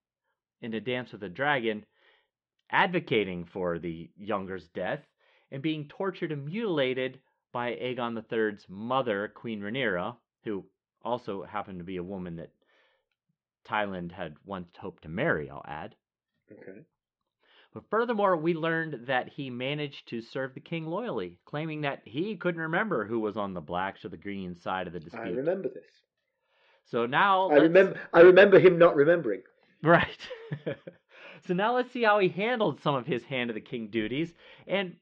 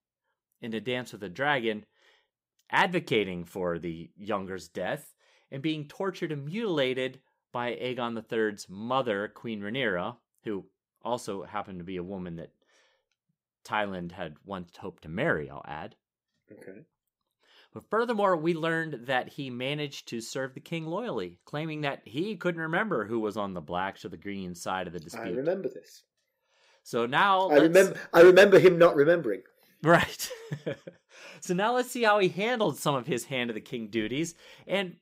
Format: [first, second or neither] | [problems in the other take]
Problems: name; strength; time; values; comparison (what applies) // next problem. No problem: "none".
second | muffled; slightly; fading above 3.5 kHz